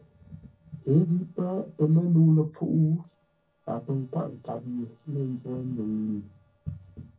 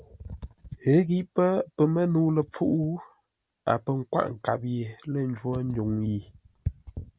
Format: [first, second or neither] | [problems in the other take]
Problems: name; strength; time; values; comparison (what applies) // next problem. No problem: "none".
second | noise reduction (neural separator model SepFormer DNS4)